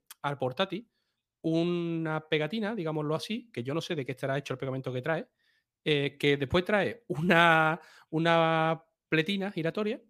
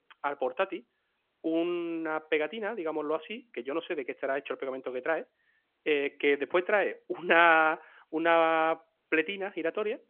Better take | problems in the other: first | phone-call audio

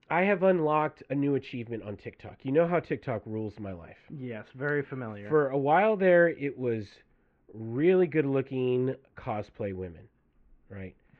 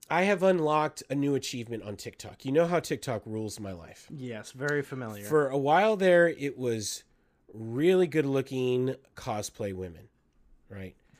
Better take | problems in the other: second | muffled; very; fading above 2.5 kHz

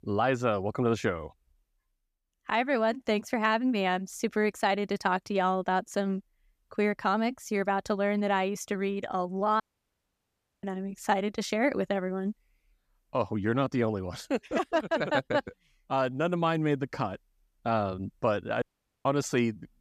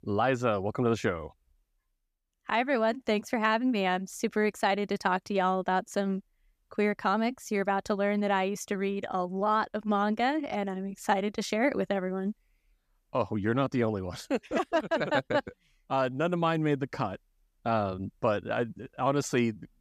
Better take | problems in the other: second | audio cutting out; at 9.5 s for 1 s and at 19 s

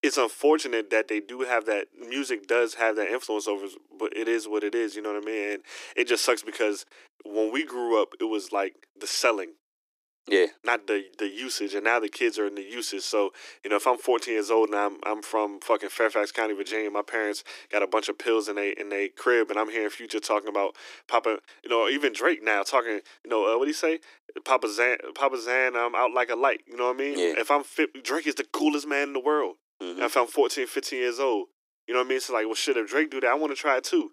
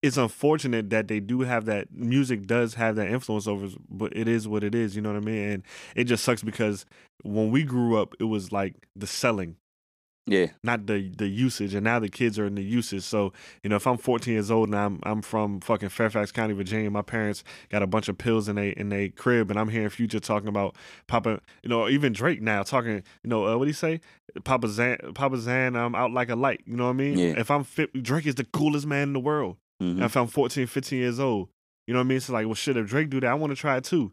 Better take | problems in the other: second | thin; very; fading below 300 Hz

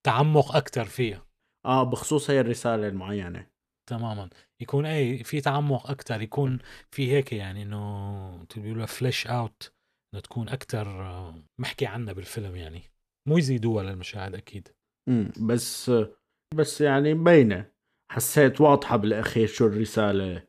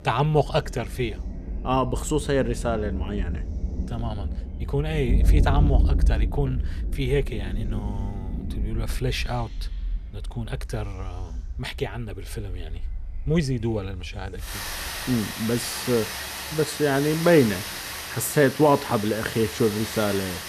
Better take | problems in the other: first | rain or running water; loud; throughout; 5 dB below the speech

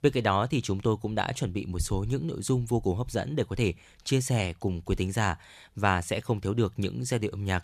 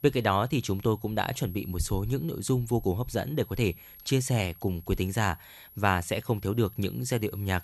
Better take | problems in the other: first | high-pitched whine; noticeable; throughout; 11.5 kHz, 20 dB below the speech

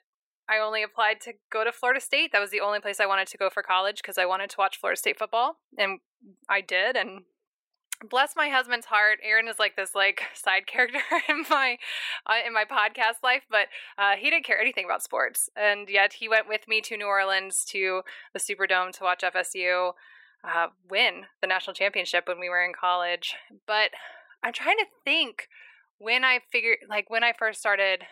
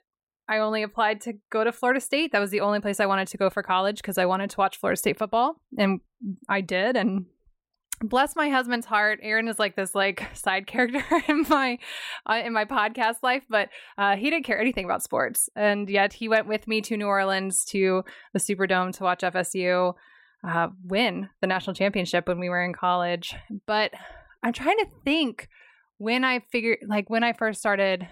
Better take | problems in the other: second | thin; very; fading below 450 Hz

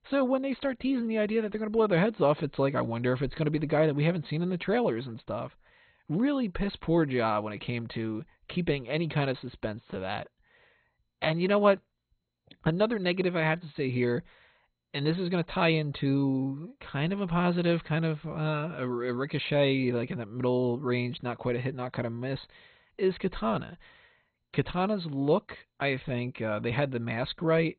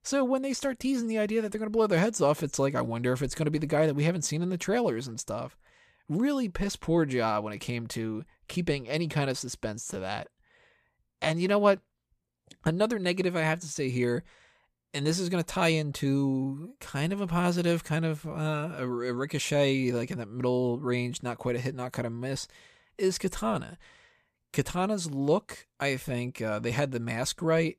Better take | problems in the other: second | garbled, watery; badly; nothing above 4 kHz

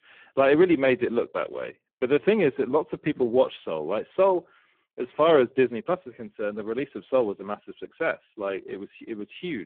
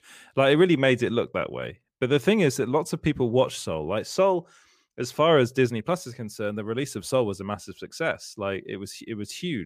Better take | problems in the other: second | phone-call audio; poor line

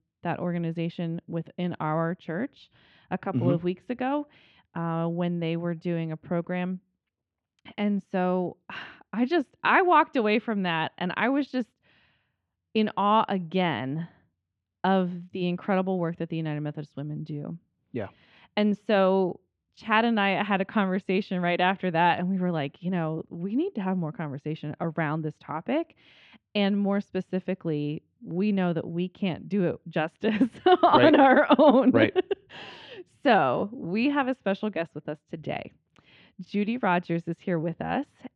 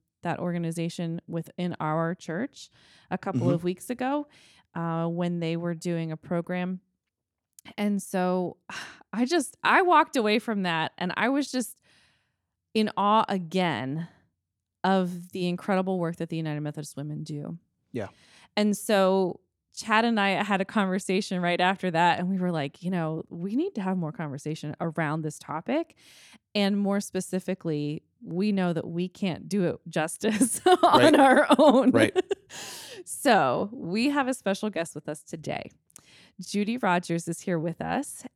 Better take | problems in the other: second | muffled; slightly; fading above 3 kHz

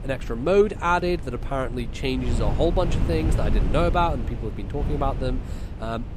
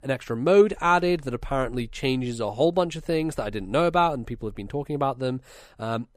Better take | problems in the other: second | wind noise on the microphone; occasional gusts; 15 dB below the speech

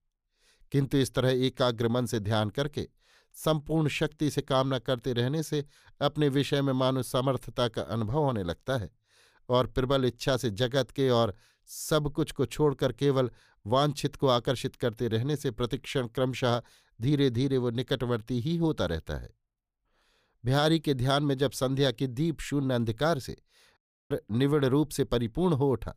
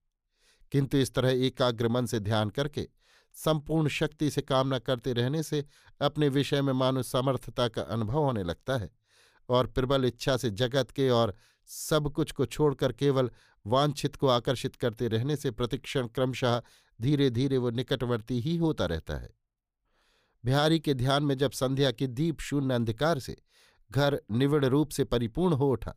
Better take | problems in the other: second | audio cutting out; at 24 s

